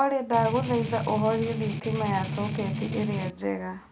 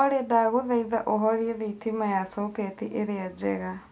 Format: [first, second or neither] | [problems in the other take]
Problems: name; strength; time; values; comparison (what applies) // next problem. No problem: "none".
second | background sound (Strum); 4 dB below the speech